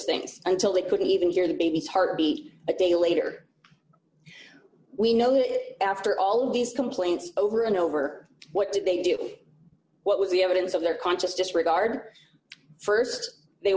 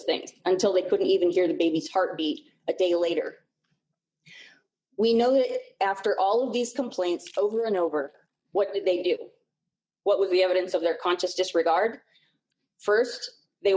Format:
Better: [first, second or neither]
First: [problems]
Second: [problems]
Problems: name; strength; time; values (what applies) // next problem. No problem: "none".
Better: first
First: none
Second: noise reduction (neural mask model DeepFilterNet 3)